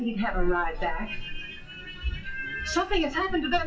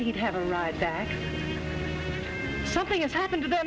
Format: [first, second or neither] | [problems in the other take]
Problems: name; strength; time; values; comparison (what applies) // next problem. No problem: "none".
second | noise reduction (classical method WPE with log-MMSE)